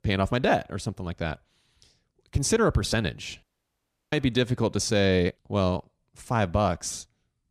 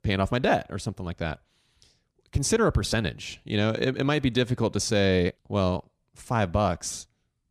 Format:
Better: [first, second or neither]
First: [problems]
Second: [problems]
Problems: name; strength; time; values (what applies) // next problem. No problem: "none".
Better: second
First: audio cutting out; at 3.5 s for 0.5 s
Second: none